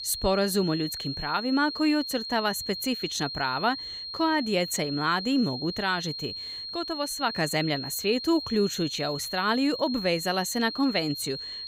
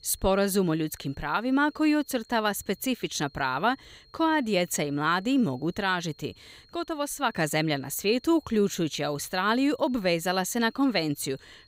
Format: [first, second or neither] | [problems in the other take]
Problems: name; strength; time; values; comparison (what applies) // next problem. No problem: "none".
second | high-pitched whine; loud; throughout; 4 kHz, 6 dB below the speech; faint in the second